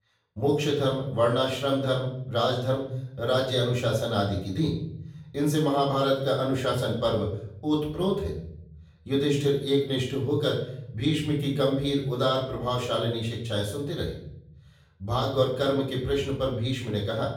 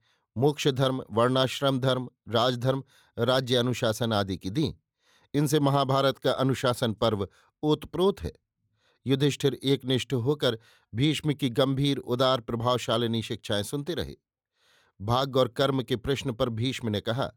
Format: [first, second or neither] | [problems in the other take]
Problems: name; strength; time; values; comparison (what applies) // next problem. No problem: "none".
second | off-mic speech; far // room echo; noticeable; dies away in 0.8 s